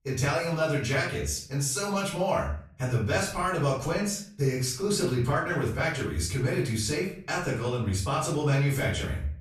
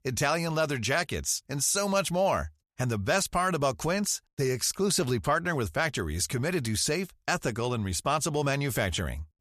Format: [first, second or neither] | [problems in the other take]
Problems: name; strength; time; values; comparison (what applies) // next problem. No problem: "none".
second | off-mic speech; far // room echo; noticeable; dies away in 0.5 s